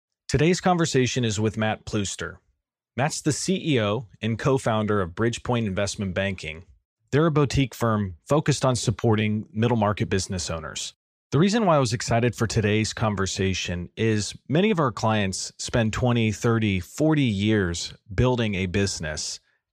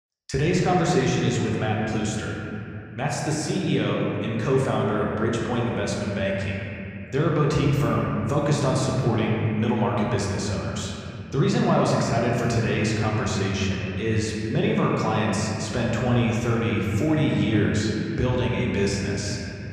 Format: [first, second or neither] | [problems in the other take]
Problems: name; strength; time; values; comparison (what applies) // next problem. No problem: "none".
first | room echo; noticeable; dies away in 3 s // off-mic speech; somewhat distant